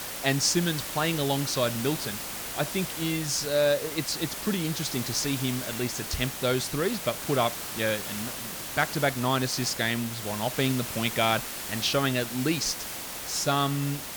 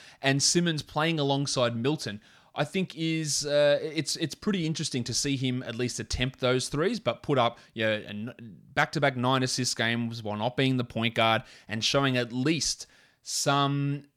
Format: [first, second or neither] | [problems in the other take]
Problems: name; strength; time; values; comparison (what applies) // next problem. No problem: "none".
second | hiss; loud; throughout; 6 dB below the speech